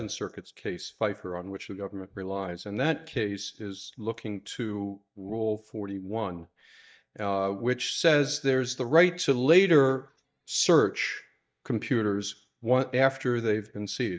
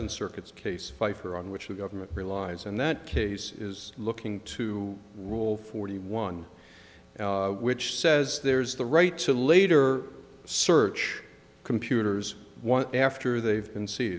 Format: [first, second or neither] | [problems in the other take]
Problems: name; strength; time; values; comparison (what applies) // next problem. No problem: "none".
second | noise reduction (neural mask model DeepFilterNet 3)